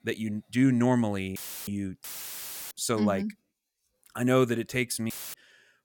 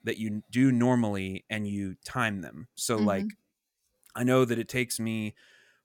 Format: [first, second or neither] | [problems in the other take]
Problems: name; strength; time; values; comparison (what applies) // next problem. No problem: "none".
second | audio cutting out; filled with static; at 1.5 s, at 2 s for 0.5 s and at 5 s